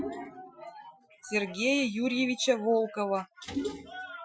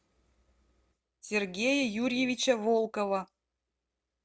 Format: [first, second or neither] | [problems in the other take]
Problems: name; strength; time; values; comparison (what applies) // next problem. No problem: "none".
second | noise reduction (classical method Wiener filter)